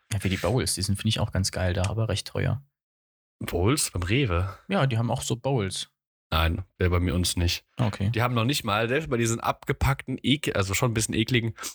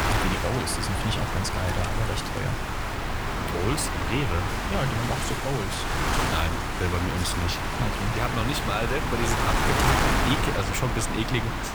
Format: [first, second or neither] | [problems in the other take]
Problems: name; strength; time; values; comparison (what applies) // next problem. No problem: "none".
first | wind noise on the microphone; heavy; 4 dB above the speech